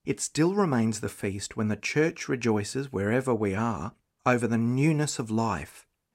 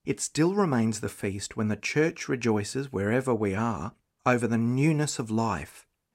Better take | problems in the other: neither | none

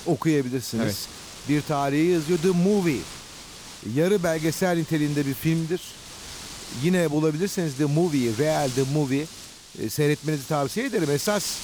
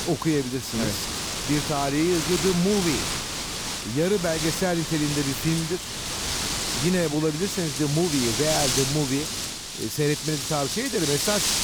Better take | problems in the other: first | wind noise on the microphone; heavy; as loud as the speech; occasional gusts in the first

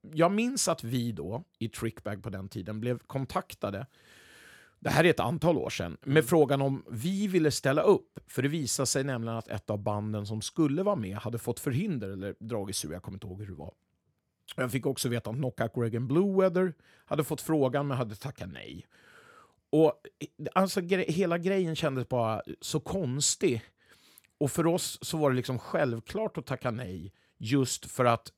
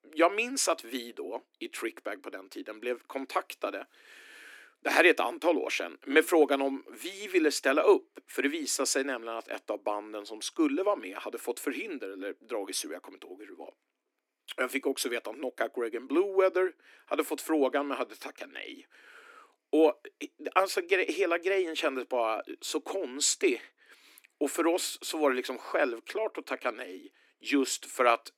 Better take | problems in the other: first | thin; somewhat; fading below 250 Hz

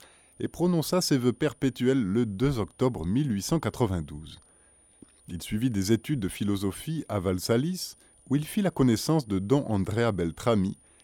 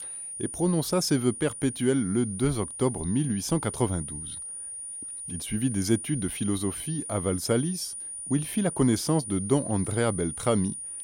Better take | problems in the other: first | high-pitched whine; loud; throughout; 9.5 kHz, 7 dB below the speech; faint in the first

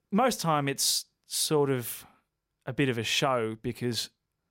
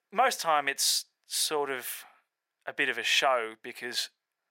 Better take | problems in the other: first | thin; very; fading below 550 Hz

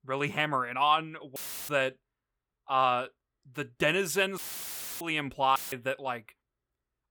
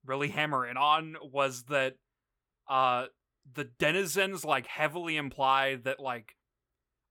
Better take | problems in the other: second | audio cutting out; filled with static; at 1.5 s, at 4.5 s for 0.5 s and at 5.5 s

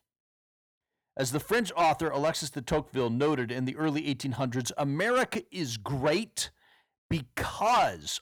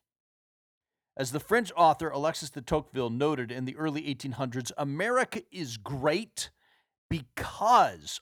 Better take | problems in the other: second | distortion; heavy; 8 dB below the speech

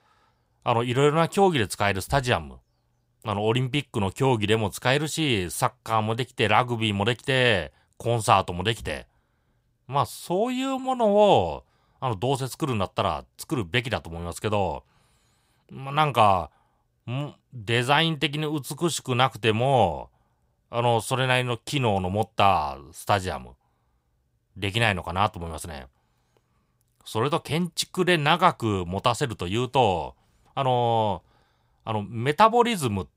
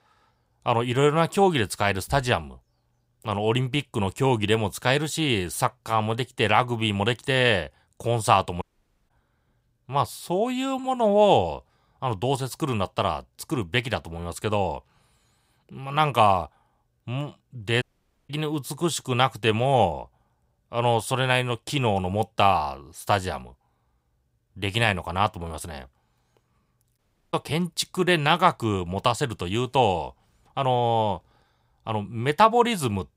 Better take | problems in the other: first | audio cutting out; at 8.5 s, at 18 s and at 27 s

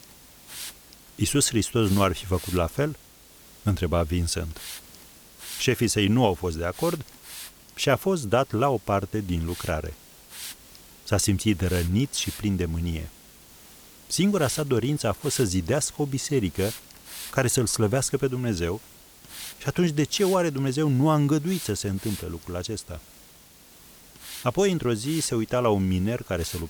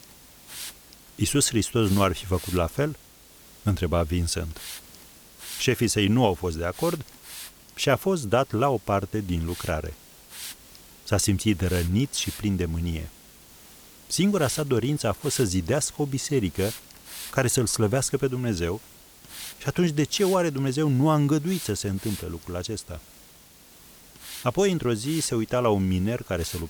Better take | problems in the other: neither | hiss; noticeable; throughout; 15 dB below the speech; the same in both

